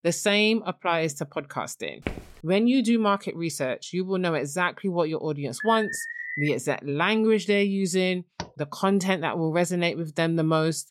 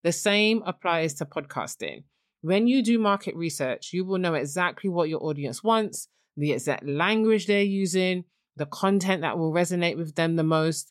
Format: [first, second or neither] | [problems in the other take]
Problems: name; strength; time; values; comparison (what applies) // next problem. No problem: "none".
second | footsteps; faint; at 2 s; peak 10 dB below the speech // alarm; noticeable; at 5.5 s; peak 6 dB below the speech // door banging; faint; at 8.5 s; peak 15 dB below the speech